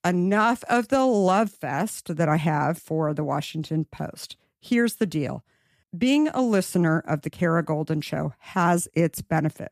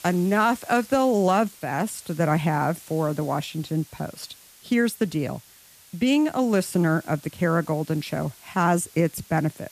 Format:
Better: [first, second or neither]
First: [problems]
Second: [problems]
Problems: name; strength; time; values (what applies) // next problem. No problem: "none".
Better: first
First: none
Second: hiss; faint; throughout; 20 dB below the speech